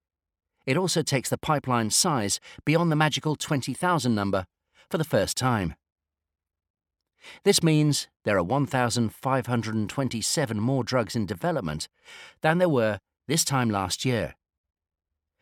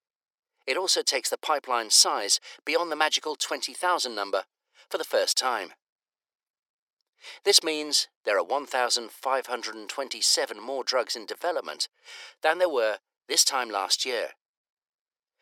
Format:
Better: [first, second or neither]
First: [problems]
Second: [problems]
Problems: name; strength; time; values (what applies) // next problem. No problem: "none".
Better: first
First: none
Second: thin; very; fading below 400 Hz